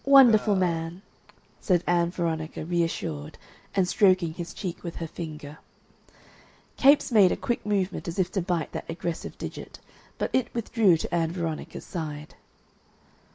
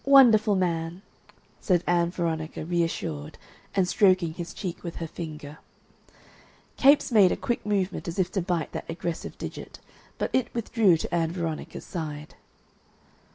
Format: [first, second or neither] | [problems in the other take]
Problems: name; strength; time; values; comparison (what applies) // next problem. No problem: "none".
second | background sound (Burping, eructation); 13 dB below the speech